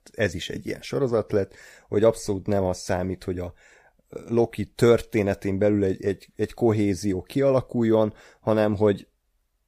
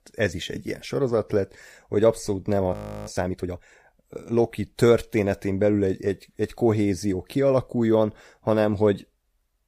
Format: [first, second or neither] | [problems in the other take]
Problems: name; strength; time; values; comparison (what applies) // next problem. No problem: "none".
first | audio freezing; at 2.5 s